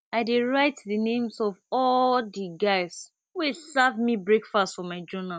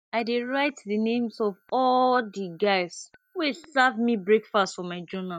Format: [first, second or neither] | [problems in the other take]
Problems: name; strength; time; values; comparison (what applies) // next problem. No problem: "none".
first | noise reduction (neural mask model DeepFilterNet 3)